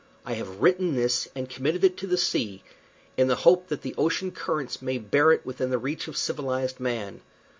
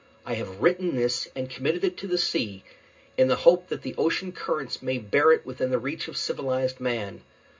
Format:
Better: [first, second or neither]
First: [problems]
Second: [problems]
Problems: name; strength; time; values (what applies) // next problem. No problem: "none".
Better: first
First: none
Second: room echo; dies away in 0.2 s